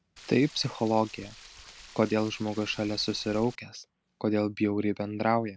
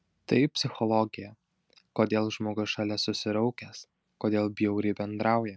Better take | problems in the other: second | background sound (Stream); 20 dB below the speech

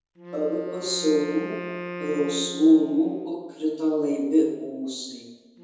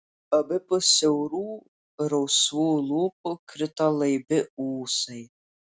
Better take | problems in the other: second | background sound (Wind instrument, woodwind instrument); 13 dB below the speech // room echo; dies away in 1.1 s

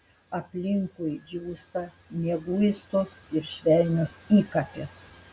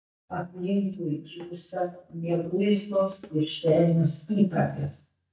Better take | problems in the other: first | noise reduction (neural mask model DeepFilterNet 3)

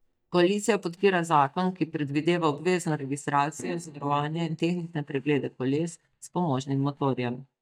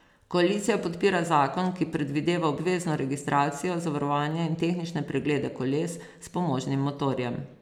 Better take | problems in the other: second | noise reduction (neural mask model DeepFilterNet 3)

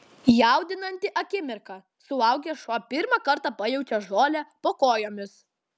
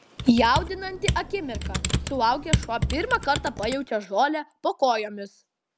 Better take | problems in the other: first | background sound (Computer keyboard); 4 dB below the speech

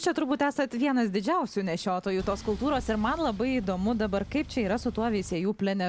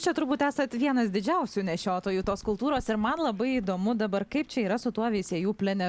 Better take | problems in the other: second | background sound (Engine); 14 dB below the speech

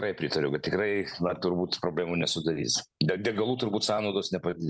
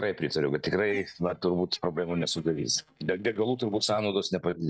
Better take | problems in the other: first | noise reduction (neural mask model DeepFilterNet 3)

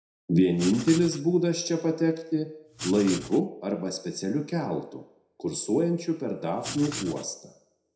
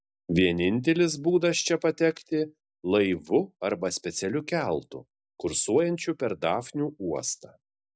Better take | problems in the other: second | background sound (Writing); 11 dB below the speech // room echo; dies away in 0.6 s

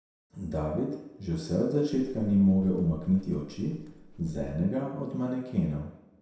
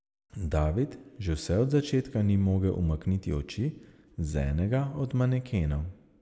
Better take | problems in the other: second | background sound (Livestock, farm animals, working animals); 19 dB below the speech // room echo; dies away in 0.7 s

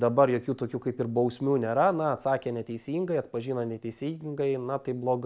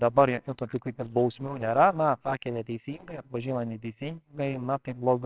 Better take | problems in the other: first | noise reduction (neural separator model SepFormer WHAMR!)

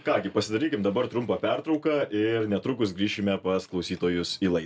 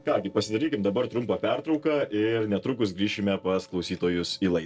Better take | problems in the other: first | noise reduction (neural separator model SepFormer DNS4)

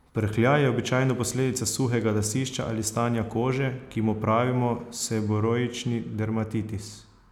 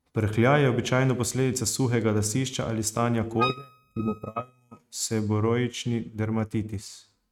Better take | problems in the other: first | noise reduction (neural mask model RNNoise)

